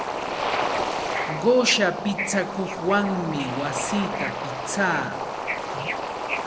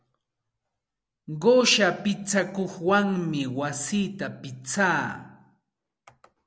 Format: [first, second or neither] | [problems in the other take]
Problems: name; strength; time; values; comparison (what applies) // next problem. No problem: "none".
second | background sound (Bird / Ocean); 2 dB below the speech